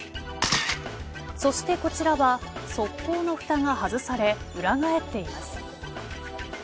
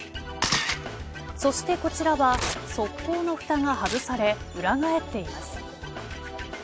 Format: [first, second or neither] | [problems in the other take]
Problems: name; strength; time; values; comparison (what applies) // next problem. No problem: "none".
first | background sound (Tearing); 11 dB below the speech